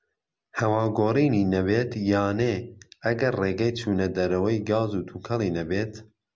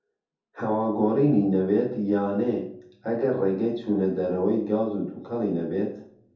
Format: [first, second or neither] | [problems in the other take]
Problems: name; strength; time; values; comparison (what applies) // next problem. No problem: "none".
first | room echo; dies away in 0.5 s